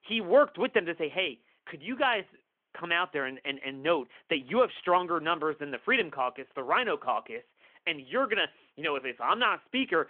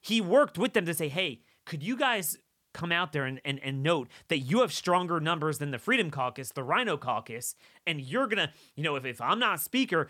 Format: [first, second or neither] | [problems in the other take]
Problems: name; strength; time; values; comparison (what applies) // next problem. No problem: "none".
second | phone-call audio; nothing above 3.5 kHz